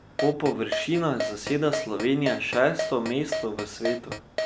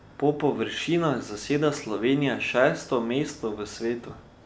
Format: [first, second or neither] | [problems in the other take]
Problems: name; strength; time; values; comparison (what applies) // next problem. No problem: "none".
second | background sound (Keyboard (musical)); 6 dB below the speech